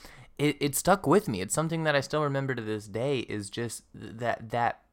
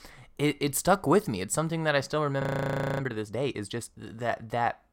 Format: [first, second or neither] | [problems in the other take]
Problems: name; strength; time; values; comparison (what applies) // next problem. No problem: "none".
first | audio freezing; at 2.5 s for 0.5 s